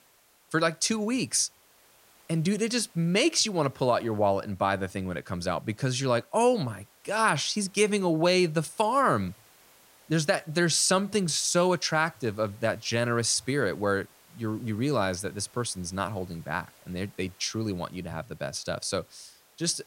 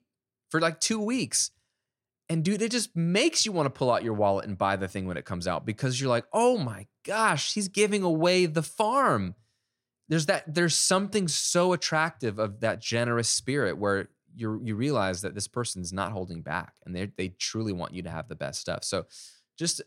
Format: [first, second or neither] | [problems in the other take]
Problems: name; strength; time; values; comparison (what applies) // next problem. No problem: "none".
second | hiss; faint; throughout; 30 dB below the speech